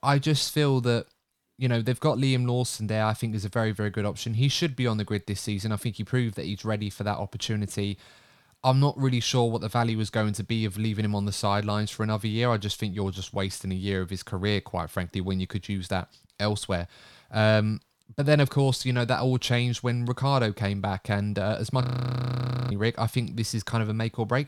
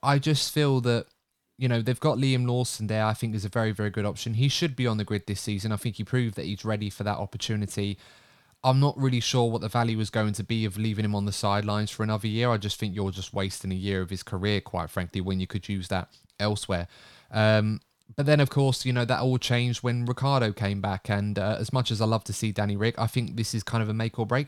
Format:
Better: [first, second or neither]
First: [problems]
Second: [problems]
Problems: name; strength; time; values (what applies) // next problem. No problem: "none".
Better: second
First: audio freezing; at 22 s for 1 s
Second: none